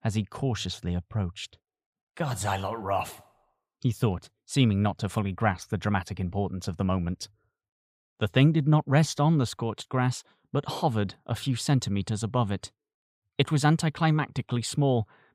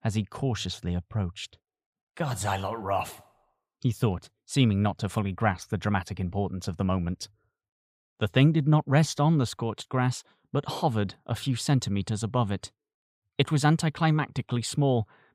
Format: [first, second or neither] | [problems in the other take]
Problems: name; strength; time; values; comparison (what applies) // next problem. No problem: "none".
neither | none